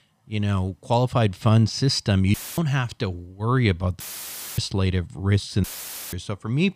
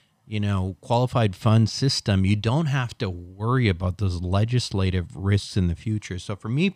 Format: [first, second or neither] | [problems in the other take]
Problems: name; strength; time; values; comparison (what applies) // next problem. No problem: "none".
second | audio cutting out; filled with static; at 2.5 s, at 4 s for 0.5 s and at 5.5 s